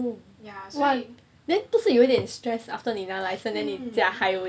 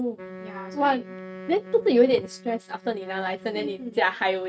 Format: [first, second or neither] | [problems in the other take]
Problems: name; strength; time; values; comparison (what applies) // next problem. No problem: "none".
first | noise reduction (neural mask model RNNoise)